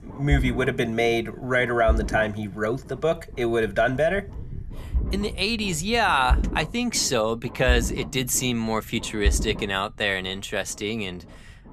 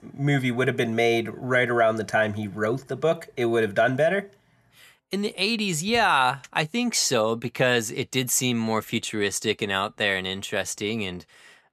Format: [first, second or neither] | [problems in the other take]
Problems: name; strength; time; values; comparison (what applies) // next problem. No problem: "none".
second | low rumble; noticeable; throughout; 20 dB below the speech